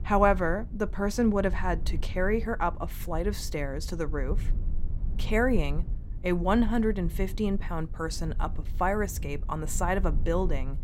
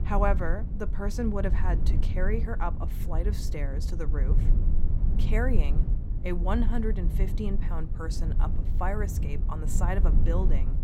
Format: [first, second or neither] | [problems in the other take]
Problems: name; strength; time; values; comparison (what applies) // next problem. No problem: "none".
first | low rumble; loud; throughout; 10 dB below the speech; faint in the first